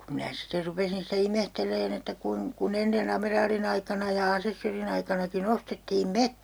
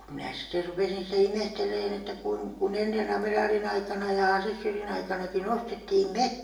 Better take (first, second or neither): first